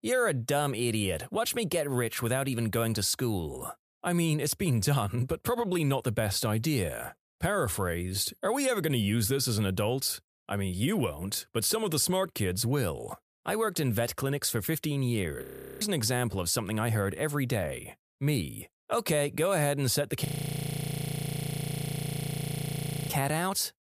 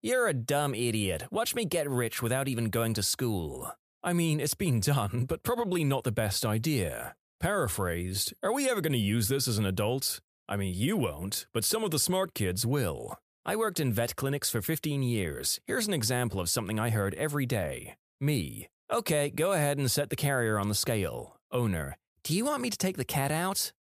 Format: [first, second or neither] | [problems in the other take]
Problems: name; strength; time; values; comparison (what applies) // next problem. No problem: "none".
second | audio freezing; at 15 s and at 20 s for 3 s